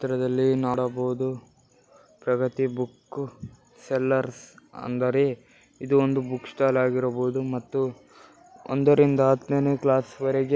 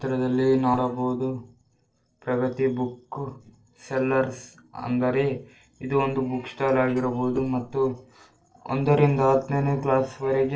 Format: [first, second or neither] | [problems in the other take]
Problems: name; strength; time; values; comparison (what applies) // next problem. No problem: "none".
first | noise reduction (neural separator model SepFormer DNS4)